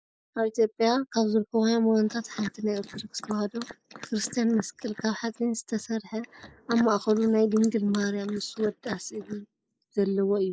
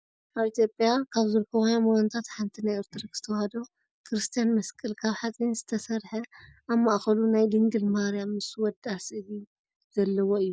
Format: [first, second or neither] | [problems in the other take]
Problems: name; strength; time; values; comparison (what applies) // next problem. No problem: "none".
second | noise reduction (neural mask model Resemble Enhance denoiser)